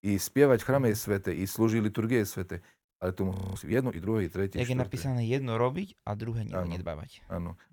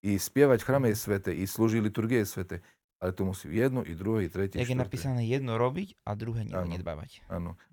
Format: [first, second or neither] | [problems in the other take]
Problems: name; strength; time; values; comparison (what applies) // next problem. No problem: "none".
second | audio freezing; at 3.5 s